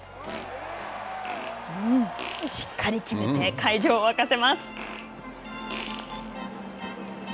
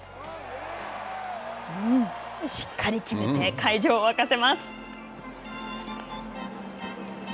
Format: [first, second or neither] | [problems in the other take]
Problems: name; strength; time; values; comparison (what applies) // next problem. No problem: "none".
second | background sound (Fart); 15 dB below the speech